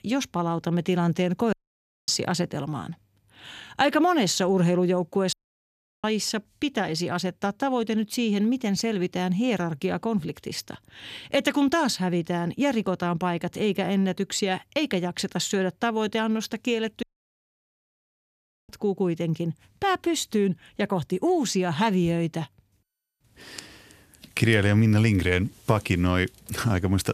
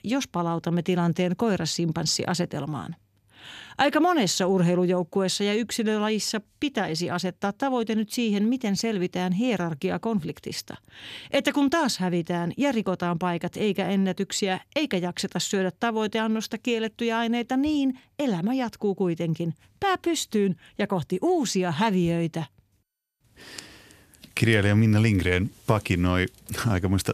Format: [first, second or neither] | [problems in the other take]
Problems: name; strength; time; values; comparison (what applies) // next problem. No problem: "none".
second | audio cutting out; at 1.5 s for 0.5 s, at 5.5 s for 0.5 s and at 17 s for 1.5 s